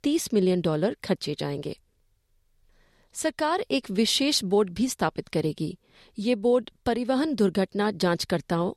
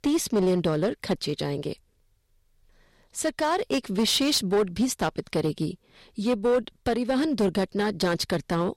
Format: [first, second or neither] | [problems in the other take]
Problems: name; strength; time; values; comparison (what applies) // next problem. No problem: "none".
first | distortion; slight; 7% of the sound clipped